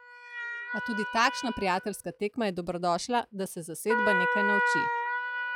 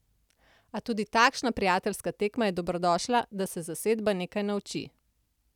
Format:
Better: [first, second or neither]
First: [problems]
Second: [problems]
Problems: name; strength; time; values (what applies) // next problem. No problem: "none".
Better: second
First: noise reduction (classical method log-MMSE)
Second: none